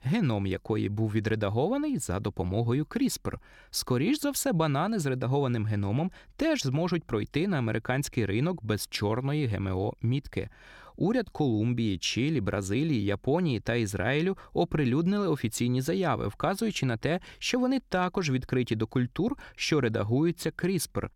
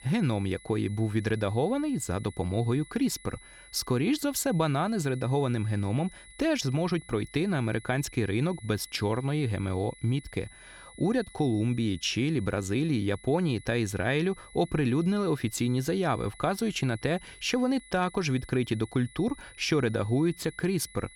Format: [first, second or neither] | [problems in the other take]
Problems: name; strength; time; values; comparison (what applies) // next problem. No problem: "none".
first | high-pitched whine; faint; throughout; 2 kHz, 20 dB below the speech